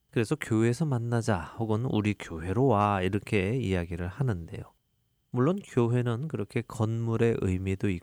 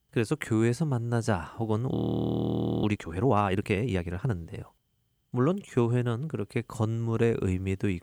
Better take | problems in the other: first | audio freezing; at 2 s for 1 s

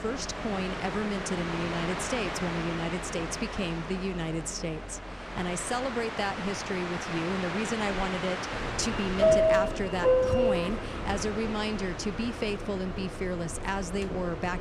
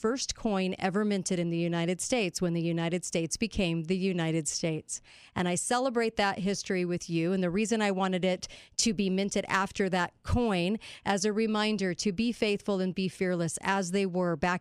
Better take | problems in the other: second | train or aircraft noise; very loud; throughout; 1 dB above the speech

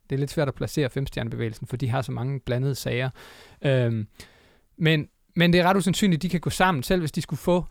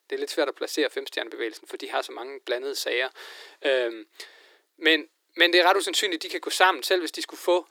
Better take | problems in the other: first | thin; very; fading below 300 Hz

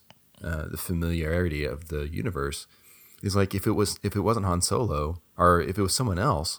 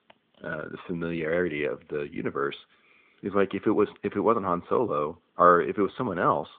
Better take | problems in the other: first | phone-call audio; nothing above 3.5 kHz

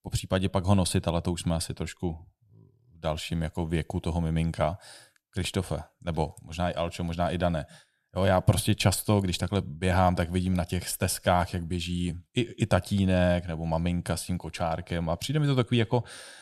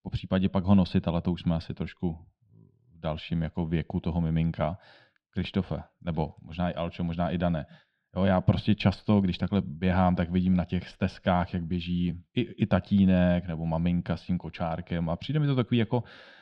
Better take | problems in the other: first | muffled; slightly; fading above 4 kHz

